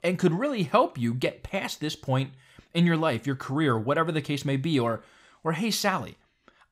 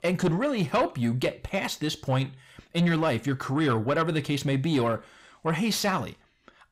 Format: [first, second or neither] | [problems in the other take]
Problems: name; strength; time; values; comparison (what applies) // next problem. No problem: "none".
first | distortion; slight; 10 dB below the speech